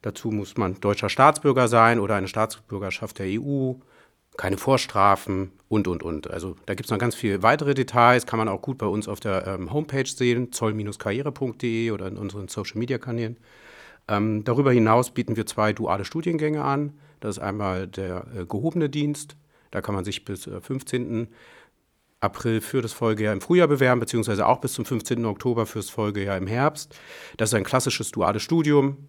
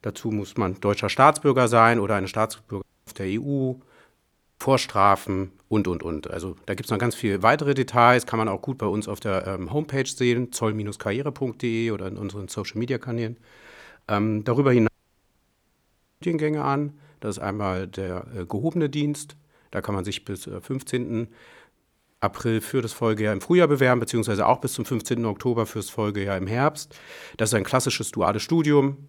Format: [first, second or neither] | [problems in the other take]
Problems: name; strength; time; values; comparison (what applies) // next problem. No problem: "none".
first | audio cutting out; at 3 s, at 4.5 s and at 15 s for 1.5 s